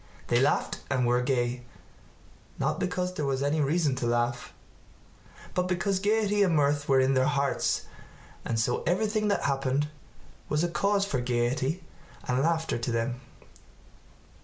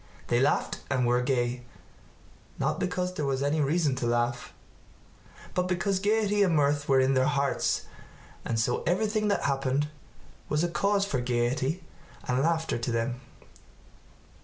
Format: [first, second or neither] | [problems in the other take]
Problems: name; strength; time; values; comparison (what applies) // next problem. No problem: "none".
second | background sound (Snare drum); 17 dB below the speech